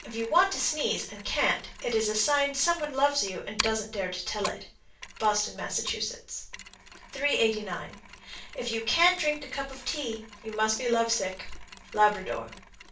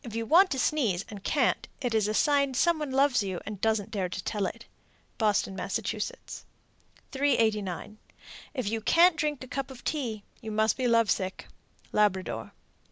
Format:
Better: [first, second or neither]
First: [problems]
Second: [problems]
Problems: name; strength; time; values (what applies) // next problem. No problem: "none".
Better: second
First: background sound (Mechanisms); 15 dB below the speech // room echo; dies away in 0.3 s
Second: none